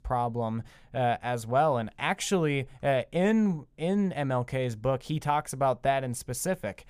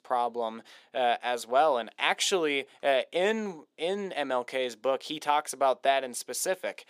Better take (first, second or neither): first